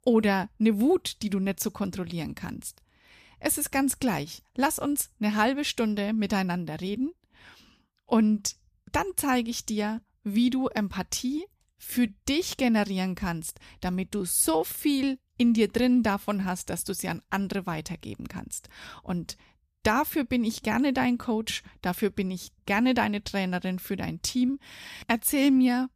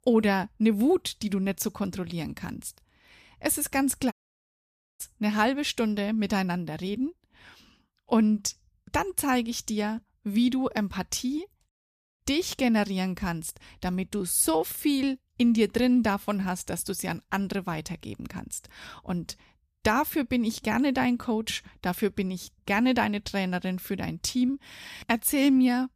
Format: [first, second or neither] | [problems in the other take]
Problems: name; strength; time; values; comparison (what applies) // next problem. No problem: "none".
first | audio cutting out; at 4 s for 1 s and at 12 s